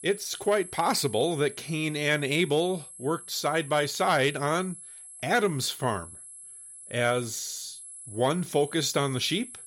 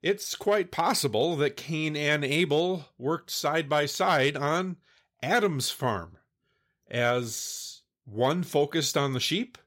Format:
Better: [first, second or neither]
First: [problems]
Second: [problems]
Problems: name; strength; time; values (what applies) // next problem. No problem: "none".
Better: second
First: high-pitched whine; noticeable; throughout; 11 kHz, 15 dB below the speech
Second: none